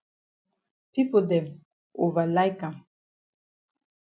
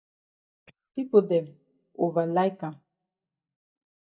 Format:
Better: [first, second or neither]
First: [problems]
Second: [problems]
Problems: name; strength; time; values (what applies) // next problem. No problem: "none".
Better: first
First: none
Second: noise reduction (neural mask model DeepFilterNet 3)